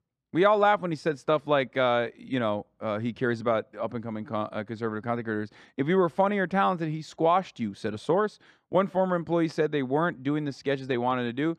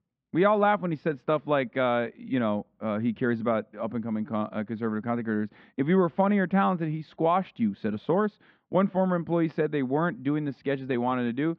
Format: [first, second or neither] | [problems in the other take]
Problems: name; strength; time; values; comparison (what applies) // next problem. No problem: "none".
first | muffled; slightly; fading above 3.5 kHz